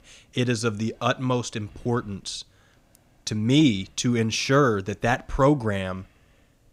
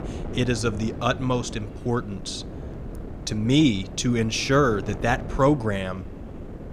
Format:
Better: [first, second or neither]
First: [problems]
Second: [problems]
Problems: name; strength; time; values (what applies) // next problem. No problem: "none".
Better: first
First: none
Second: wind noise on the microphone; occasional gusts; 15 dB below the speech